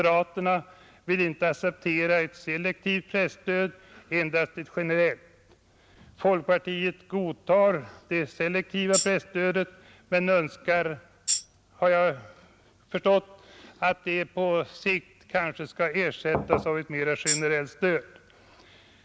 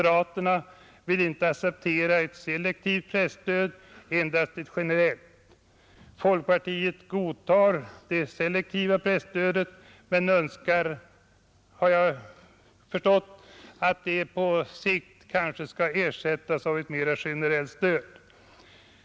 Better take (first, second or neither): second